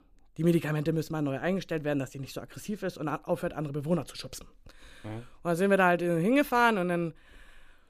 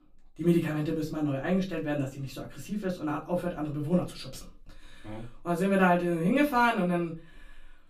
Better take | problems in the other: first | off-mic speech; far // room echo; very slight; dies away in 0.2 s

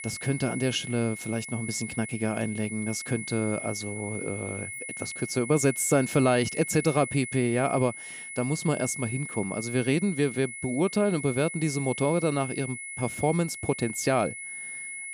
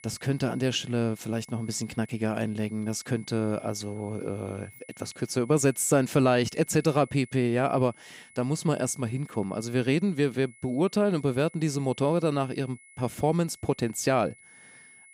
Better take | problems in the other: second | high-pitched whine; loud; throughout; 2 kHz, 8 dB below the speech; faint in the second

